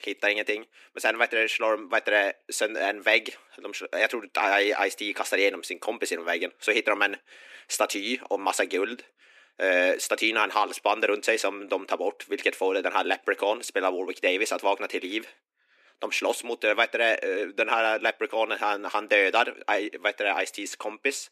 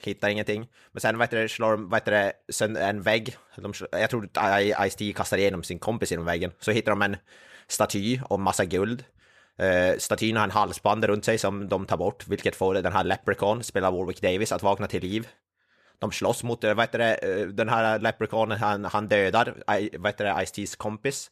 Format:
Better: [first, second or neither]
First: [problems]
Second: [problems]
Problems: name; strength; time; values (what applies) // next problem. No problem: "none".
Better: second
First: thin; somewhat; fading below 250 Hz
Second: none